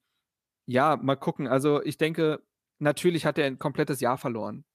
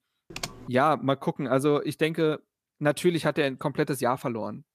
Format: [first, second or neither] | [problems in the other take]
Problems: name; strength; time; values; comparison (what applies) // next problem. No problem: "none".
first | keyboard typing; faint; at 0.5 s; peak 10 dB below the speech